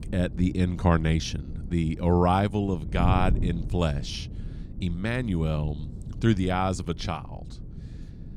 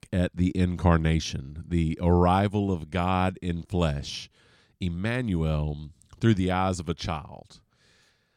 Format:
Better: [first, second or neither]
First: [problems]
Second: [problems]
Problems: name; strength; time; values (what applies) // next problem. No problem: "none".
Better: second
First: wind noise on the microphone; occasional gusts; 20 dB below the speech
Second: none